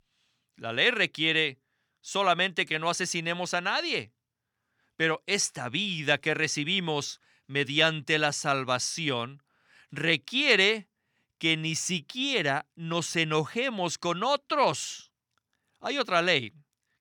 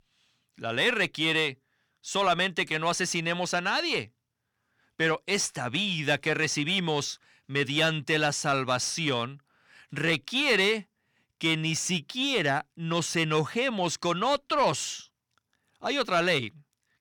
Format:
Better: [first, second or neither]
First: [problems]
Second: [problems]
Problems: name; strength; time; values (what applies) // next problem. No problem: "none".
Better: first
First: none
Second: distortion; slight; 10 dB below the speech